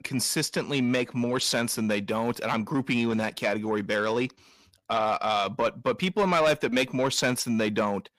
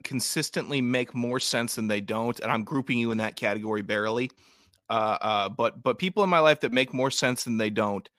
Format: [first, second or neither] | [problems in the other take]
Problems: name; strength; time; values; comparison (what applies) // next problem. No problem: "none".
second | distortion; slight; 10 dB below the speech